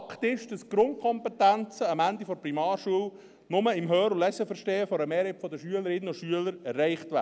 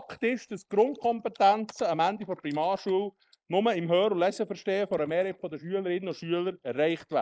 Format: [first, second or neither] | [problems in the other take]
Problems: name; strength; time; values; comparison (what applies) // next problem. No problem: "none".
first | noise reduction (neural mask model Resemble Enhance denoiser)